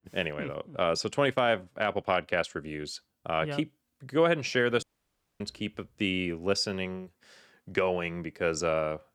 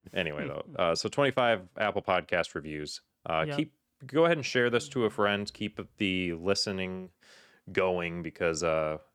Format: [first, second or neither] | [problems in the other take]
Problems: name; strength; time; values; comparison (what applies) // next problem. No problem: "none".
second | audio cutting out; at 5 s for 0.5 s